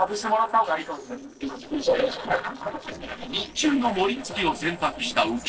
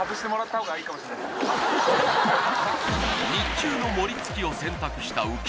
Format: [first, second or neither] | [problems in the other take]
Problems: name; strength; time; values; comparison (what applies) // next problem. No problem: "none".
second | noise reduction (neural separator model SepFormer DNS4)